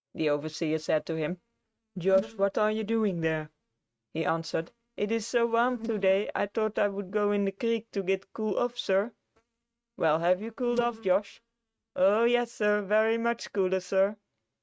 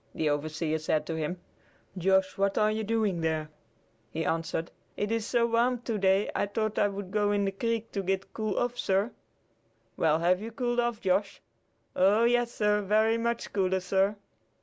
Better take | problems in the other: second | noise reduction (neural mask model RNNoise)

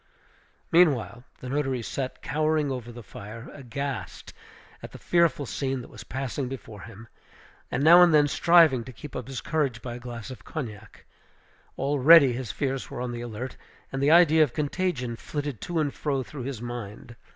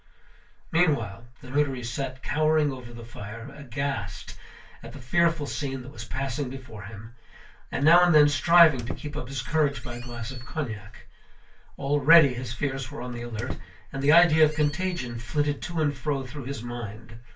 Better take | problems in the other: first | background sound (Squeak); 17 dB below the speech // room echo; dies away in 0.2 s

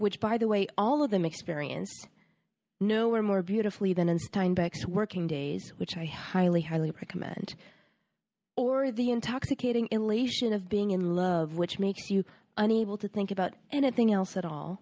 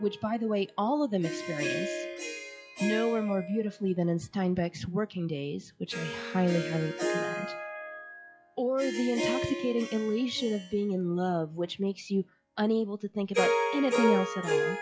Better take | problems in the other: first | noise reduction (classical method log-MMSE)

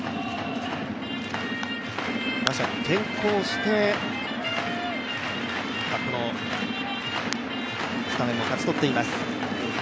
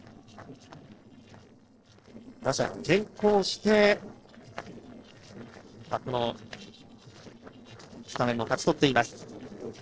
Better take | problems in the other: first | noise reduction (neural separator model SepFormer DNS4)

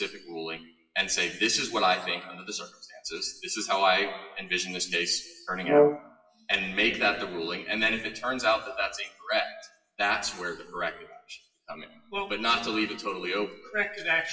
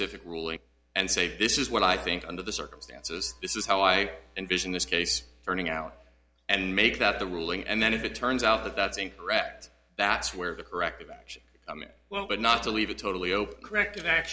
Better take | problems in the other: second | noise reduction (classical method WPE with log-MMSE)

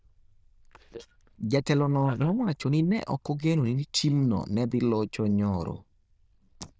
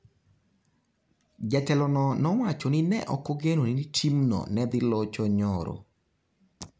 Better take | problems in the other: second | noise reduction (neural diffusion model UNIVERSE++)

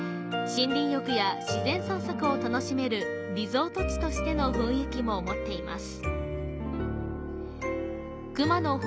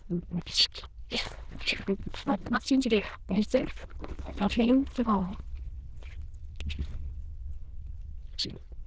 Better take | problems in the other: first | noise reduction (neural diffusion model UNIVERSE++)

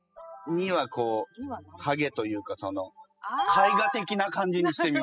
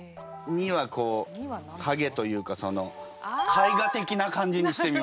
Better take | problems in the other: second | noise reduction (classical method spectral subtraction)

